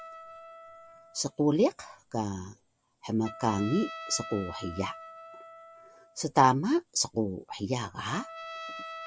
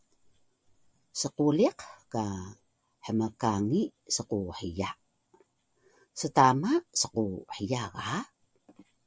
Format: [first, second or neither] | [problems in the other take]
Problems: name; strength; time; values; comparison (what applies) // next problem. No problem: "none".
second | background sound (Trumpet); 15 dB below the speech